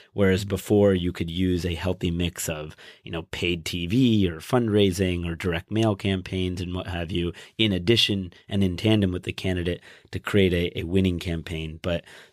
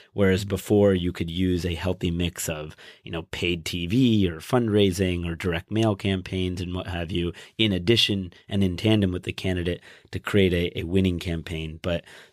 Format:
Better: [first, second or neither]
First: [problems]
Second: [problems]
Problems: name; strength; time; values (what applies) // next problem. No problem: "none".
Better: neither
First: none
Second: none